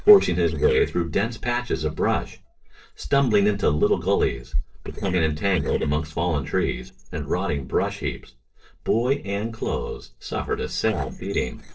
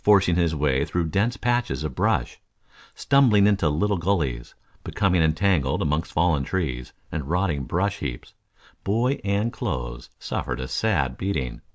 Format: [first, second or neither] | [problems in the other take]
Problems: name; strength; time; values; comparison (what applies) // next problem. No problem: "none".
second | noise reduction (neural separator model SepFormer DNS4)